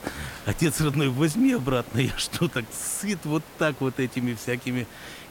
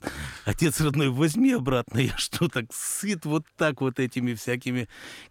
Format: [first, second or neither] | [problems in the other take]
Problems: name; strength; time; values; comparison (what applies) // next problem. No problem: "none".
second | hiss; noticeable; throughout; 20 dB below the speech